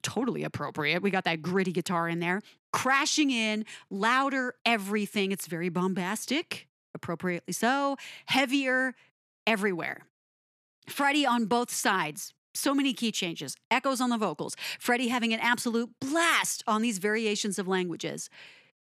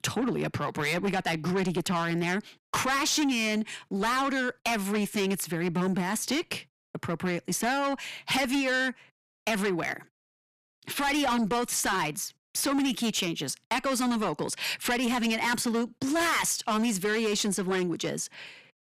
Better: first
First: none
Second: distortion; heavy; 6 dB below the speech

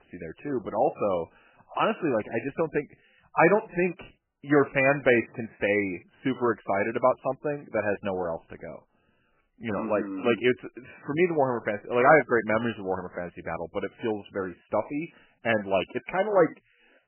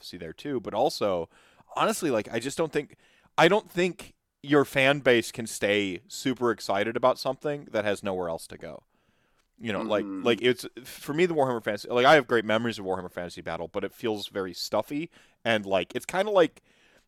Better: second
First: garbled, watery; badly; nothing above 2.5 kHz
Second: none

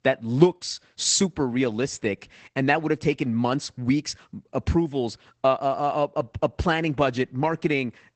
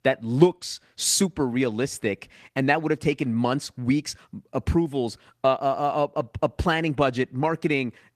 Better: second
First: garbled, watery; badly; nothing above 8 kHz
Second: garbled, watery; slightly; nothing above 14.5 kHz

